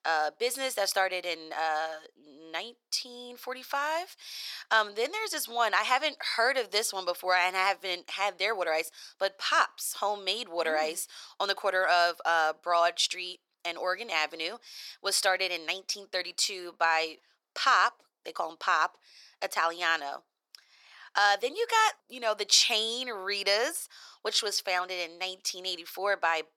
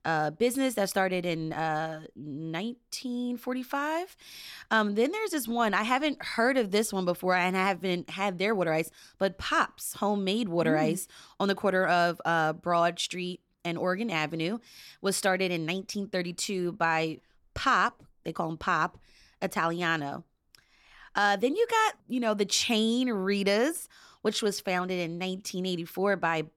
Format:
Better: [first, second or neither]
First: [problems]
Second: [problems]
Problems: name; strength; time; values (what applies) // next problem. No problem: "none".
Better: second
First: thin; very; fading below 550 Hz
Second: none